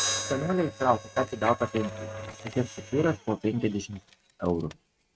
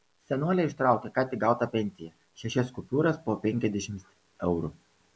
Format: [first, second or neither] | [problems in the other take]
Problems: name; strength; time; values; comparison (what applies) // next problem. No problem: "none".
second | noise reduction (neural mask model RNNoise)